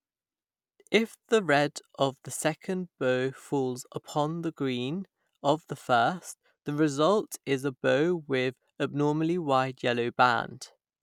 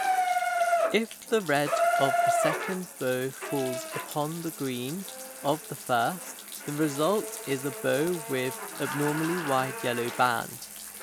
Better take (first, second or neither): first